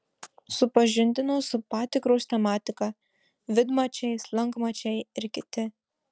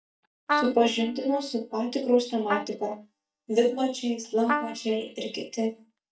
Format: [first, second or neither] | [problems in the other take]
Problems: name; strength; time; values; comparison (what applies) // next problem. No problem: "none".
first | noise reduction (neural mask model DeepFilterNet 3)